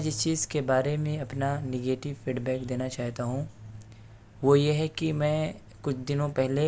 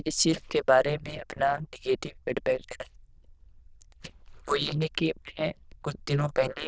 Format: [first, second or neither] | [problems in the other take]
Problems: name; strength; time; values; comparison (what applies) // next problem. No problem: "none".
first | noise reduction (neural diffusion model UNIVERSE++)